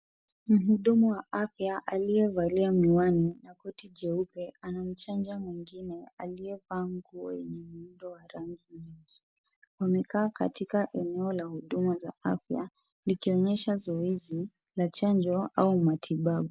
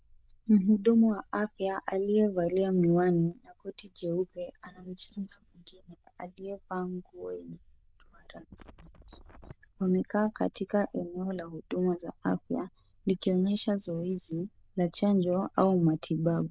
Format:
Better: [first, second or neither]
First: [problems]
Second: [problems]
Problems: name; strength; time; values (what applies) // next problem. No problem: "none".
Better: first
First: none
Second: noise reduction (neural diffusion model UNIVERSE++)